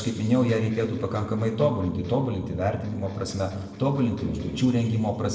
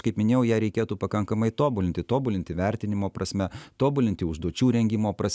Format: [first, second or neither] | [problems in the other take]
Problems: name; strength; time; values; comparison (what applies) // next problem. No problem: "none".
second | noise reduction (neural separator model SepFormer DNS4)